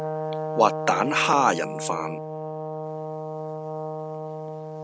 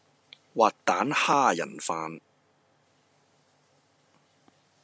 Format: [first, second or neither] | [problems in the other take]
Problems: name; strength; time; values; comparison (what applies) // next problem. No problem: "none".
second | background sound (Brass instrument); 4 dB below the speech